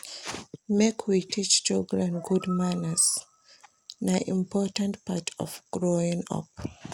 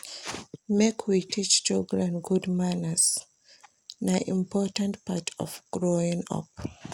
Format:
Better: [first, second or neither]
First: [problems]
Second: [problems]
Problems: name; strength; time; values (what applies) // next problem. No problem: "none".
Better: second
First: background sound (Animal); 19 dB below the speech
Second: none